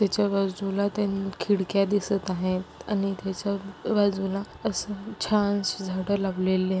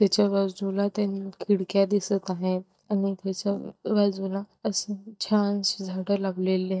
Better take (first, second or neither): first